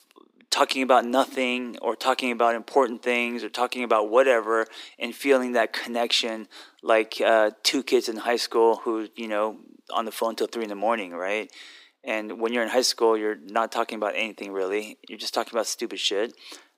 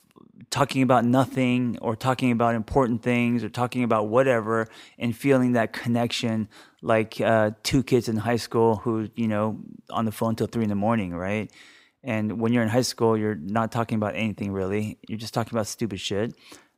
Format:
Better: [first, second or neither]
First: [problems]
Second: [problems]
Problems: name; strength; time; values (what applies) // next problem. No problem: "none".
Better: second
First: thin; somewhat; fading below 300 Hz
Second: none